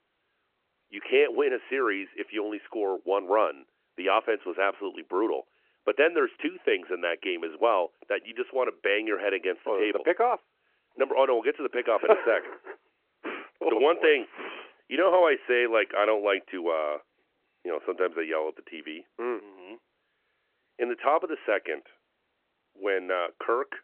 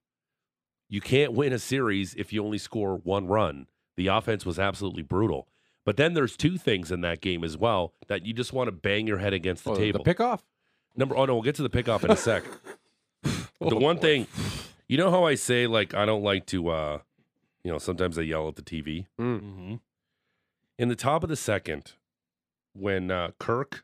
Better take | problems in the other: second | phone-call audio

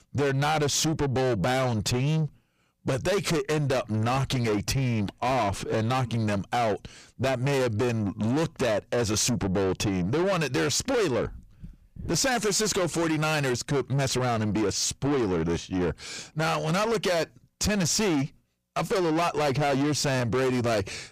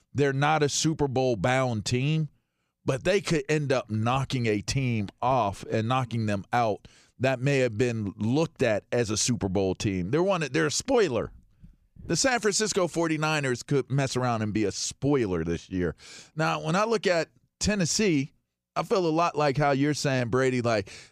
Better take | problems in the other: second | distortion; heavy; 7 dB below the speech

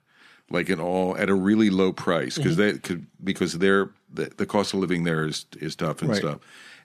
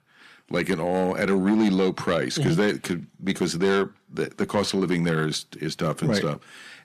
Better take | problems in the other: first | distortion; slight; 10 dB below the speech

